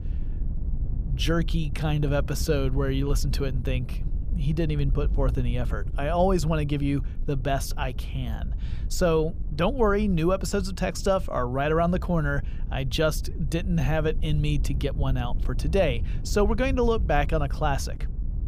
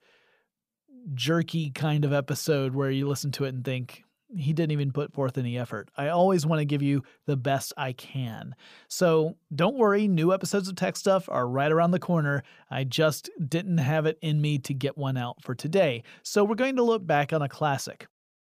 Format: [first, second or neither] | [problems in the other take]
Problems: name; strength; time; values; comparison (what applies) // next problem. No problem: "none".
second | wind noise on the microphone; occasional gusts; 20 dB below the speech